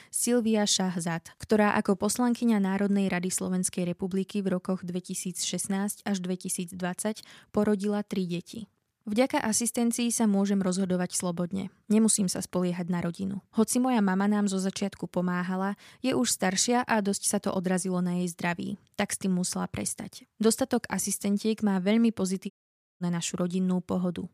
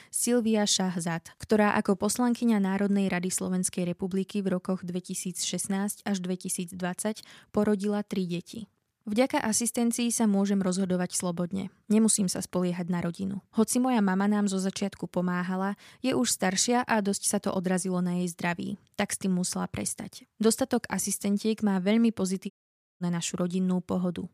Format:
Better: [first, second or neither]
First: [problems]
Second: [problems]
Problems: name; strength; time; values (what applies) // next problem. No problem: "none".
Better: neither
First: audio cutting out; at 23 s for 0.5 s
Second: audio cutting out; at 23 s for 0.5 s